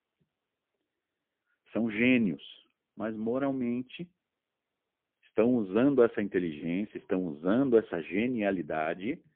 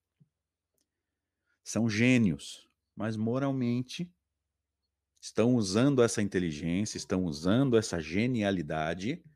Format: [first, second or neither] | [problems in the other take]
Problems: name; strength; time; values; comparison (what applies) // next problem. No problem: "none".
second | phone-call audio; poor line